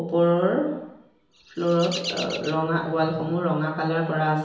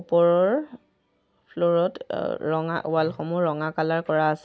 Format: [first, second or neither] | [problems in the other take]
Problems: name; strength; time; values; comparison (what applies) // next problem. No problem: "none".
second | background sound (Chirp, tweet); 13 dB below the speech // room echo; dies away in 0.9 s